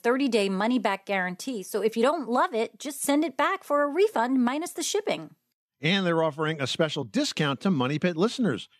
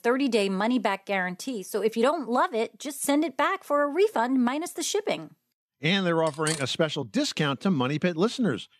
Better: first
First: none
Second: clattering dishes; noticeable; at 6.5 s; peak 6 dB below the speech

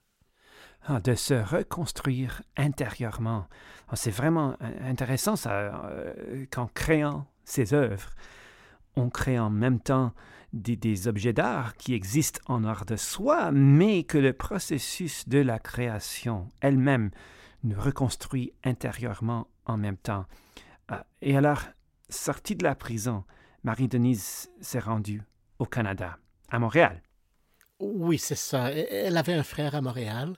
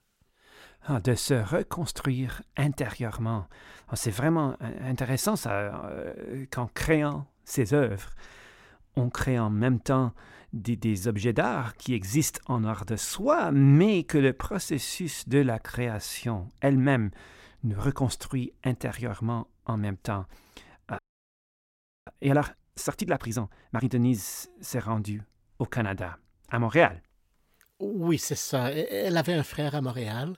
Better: first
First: none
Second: audio freezing; at 21 s for 1 s

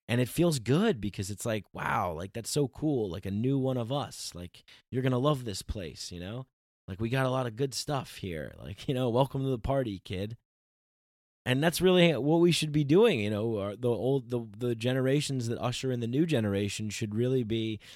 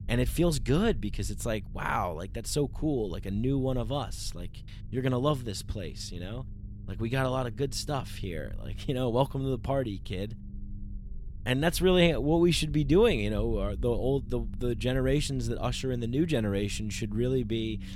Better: first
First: none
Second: low rumble; faint; throughout; 25 dB below the speech

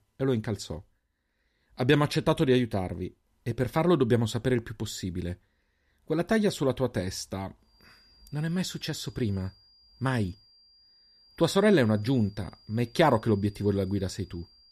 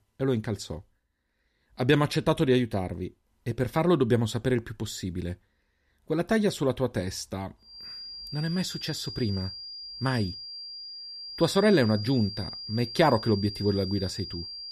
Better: first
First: high-pitched whine; faint; from 7.5 s on; 5 kHz, 30 dB below the speech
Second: high-pitched whine; loud; from 7.5 s on; 5 kHz, 10 dB below the speech

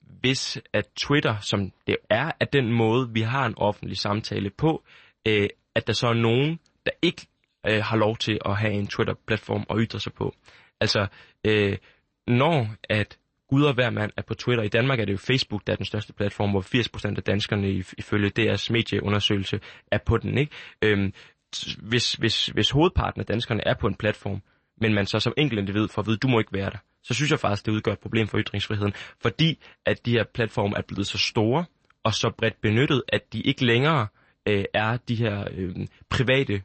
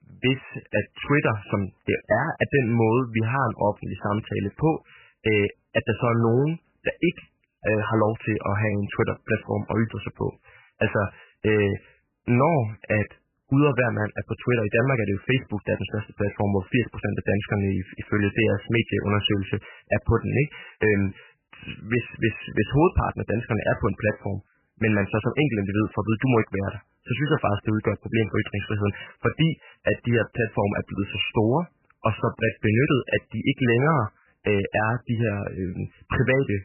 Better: first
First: garbled, watery; slightly; nothing above 8 kHz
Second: garbled, watery; badly; nothing above 3 kHz

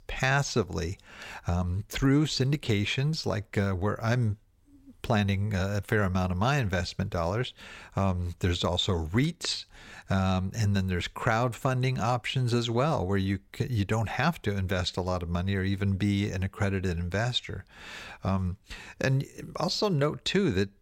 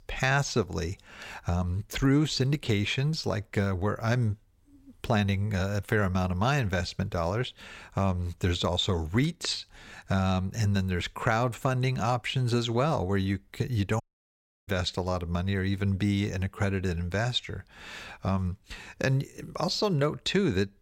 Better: first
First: none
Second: audio cutting out; at 14 s for 0.5 s

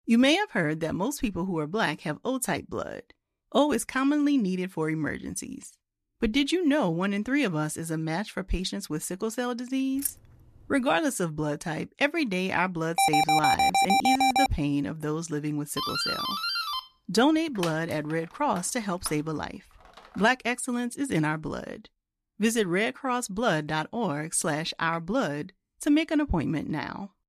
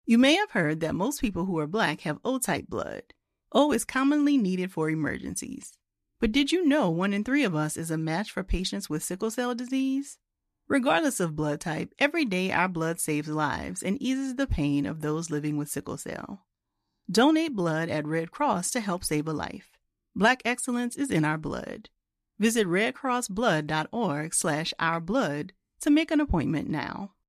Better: second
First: jangling keys; noticeable; at 10 s; peak 5 dB below the speech // alarm; loud; from 13 to 14 s; peak 6 dB above the speech // doorbell; loud; from 16 to 20 s; peak level with the speech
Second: none

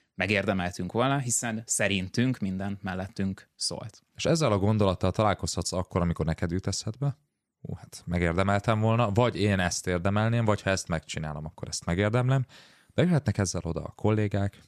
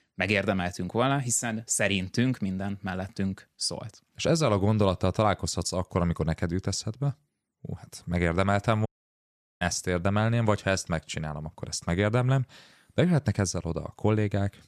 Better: first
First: none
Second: audio cutting out; at 9 s for 1 s

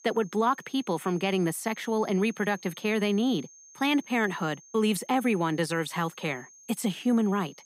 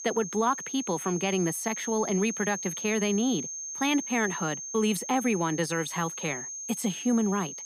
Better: first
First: high-pitched whine; faint; throughout; 6.5 kHz, 25 dB below the speech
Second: high-pitched whine; loud; throughout; 6.5 kHz, 6 dB below the speech

